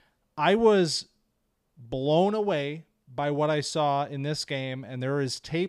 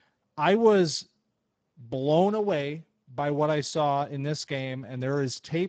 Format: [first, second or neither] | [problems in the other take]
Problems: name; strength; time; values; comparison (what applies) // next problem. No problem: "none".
first | garbled, watery; badly; nothing above 7.5 kHz